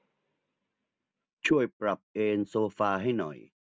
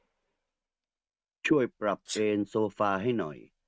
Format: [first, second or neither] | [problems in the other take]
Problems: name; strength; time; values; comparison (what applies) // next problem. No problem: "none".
first | noise reduction (neural mask model RNNoise)